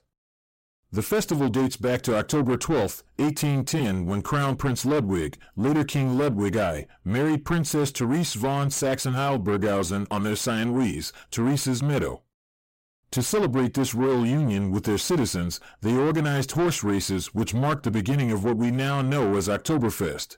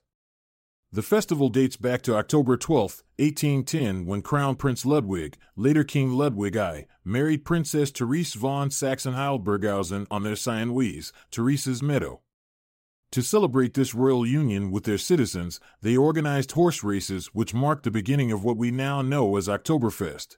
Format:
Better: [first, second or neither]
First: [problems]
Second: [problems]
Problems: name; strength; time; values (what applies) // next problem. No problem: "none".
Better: second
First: distortion; heavy; 7 dB below the speech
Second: none